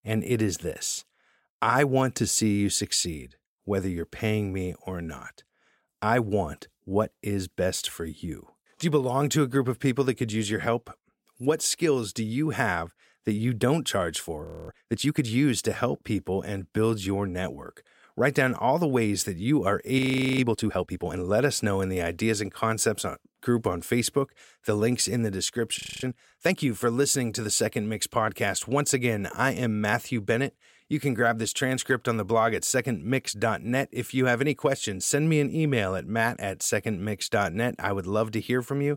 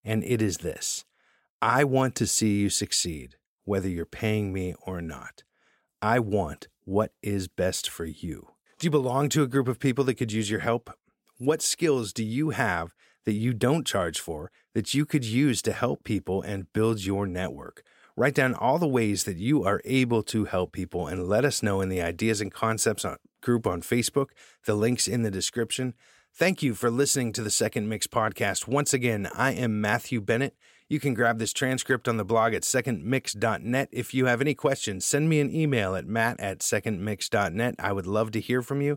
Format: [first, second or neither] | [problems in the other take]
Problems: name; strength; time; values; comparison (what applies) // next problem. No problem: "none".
second | audio freezing; at 14 s, at 20 s and at 26 s